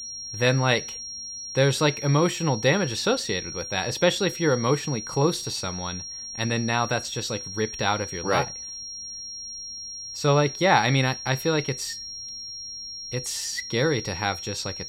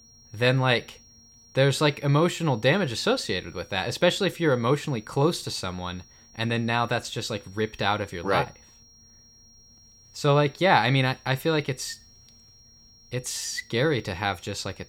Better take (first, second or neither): second